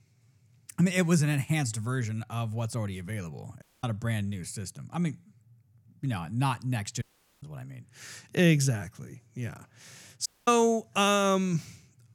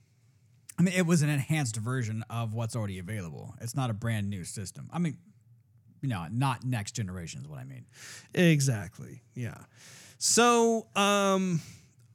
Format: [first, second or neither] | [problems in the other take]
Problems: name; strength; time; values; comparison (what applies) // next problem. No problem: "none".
second | audio cutting out; at 3.5 s, at 7 s and at 10 s